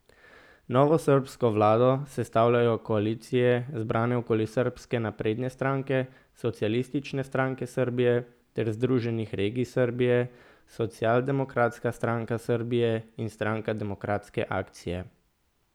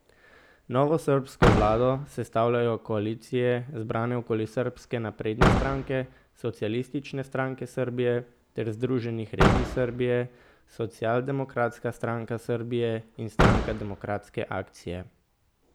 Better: first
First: none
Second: background sound (Slam / Car); 2 dB below the speech

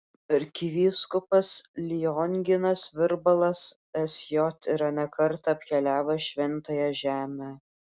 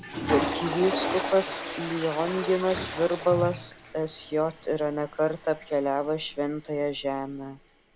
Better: first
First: none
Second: background sound (Toilet flush / Water); 7 dB below the speech

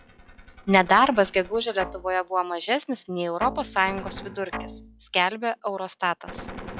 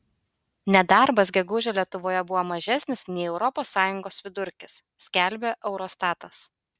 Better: second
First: noise reduction (classical method log-MMSE)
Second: none

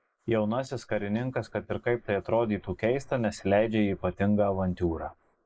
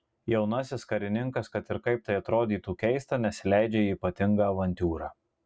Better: second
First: noise reduction (neural mask model Resemble Enhance denoiser)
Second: none

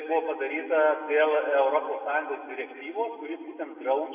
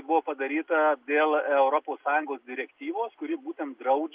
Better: second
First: room echo; dies away in 1.5 s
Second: none

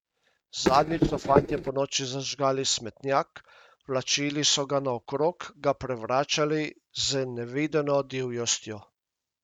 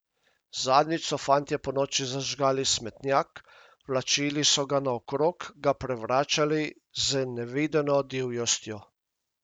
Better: second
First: noise reduction (neural mask model RNNoise)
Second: none

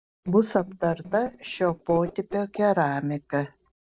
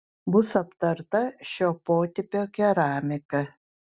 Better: second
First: noise reduction (neural separator model SepFormer DNS4)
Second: none

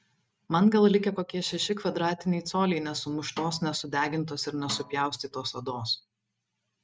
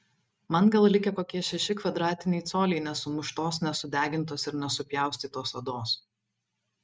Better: second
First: background sound (Snare drum); 18 dB below the speech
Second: none

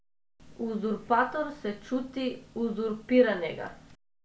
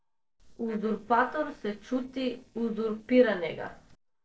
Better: first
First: none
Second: noise reduction (neural separator model SepFormer DNS4)

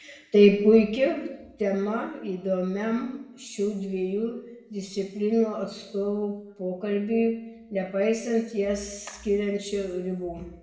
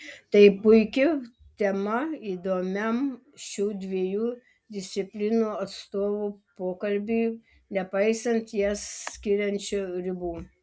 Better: second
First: room echo; dies away in 0.8 s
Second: none

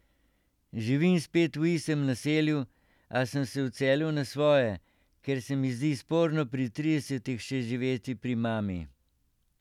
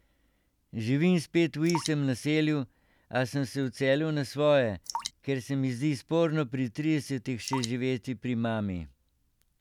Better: first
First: none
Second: background sound (Drip); 15 dB below the speech

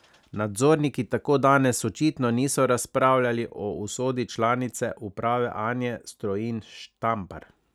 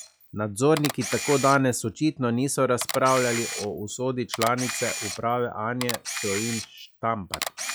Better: first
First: none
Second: noise reduction (classical method log-MMSE)

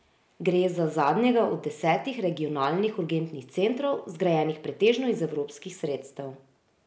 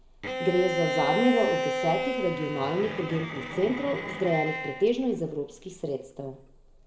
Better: first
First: none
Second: background sound (Bowed string instrument); 4 dB below the speech // room echo; dies away in 0.7 s

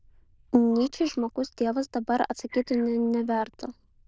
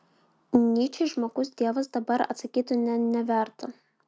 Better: second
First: noise reduction (neural diffusion model UNIVERSE++)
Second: none

